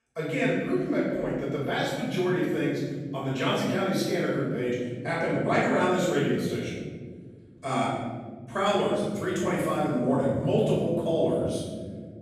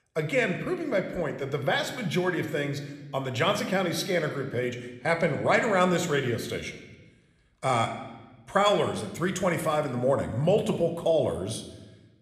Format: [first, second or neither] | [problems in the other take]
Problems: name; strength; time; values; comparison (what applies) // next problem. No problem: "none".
second | room echo; strong; dies away in 2 s; slight in the second // off-mic speech; far